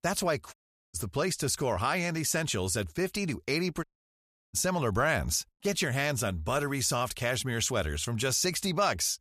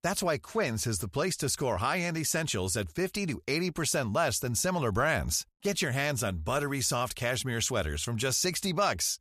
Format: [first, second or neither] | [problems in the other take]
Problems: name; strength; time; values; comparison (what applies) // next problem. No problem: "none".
second | audio cutting out; at 0.5 s and at 4 s for 0.5 s